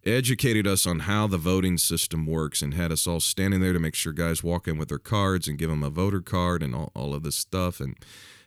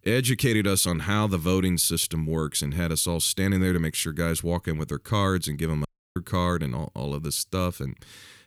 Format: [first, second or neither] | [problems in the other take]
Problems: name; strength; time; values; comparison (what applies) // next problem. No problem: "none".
first | audio cutting out; at 6 s